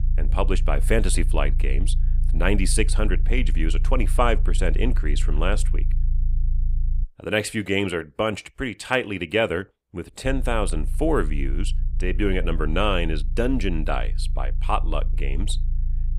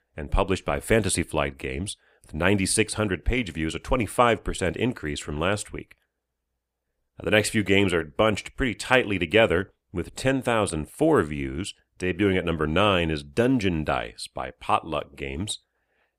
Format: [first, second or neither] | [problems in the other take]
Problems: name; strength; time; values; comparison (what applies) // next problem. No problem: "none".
second | low rumble; faint; until 7 s and from 10 s on; 20 dB below the speech